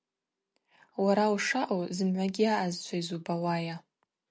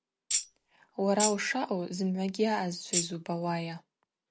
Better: first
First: none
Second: background sound (Tambourine); 2 dB below the speech

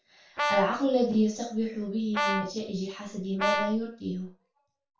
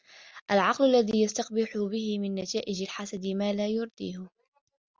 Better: second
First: background sound (Brass instrument); 3 dB below the speech // room echo; dies away in 0.3 s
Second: none

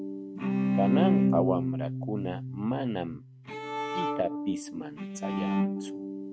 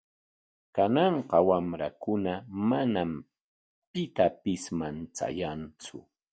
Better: second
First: noise reduction (neural mask model RNNoise)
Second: none

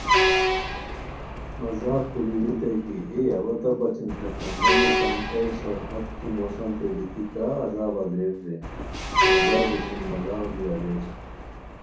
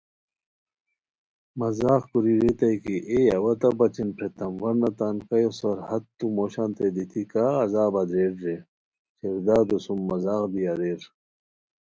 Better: second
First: background sound (Truck); 1 dB above the speech // room echo; dies away in 0.6 s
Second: none

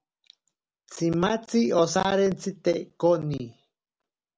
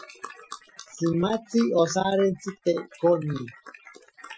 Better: first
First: none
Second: noise reduction (classical method Wiener filter)

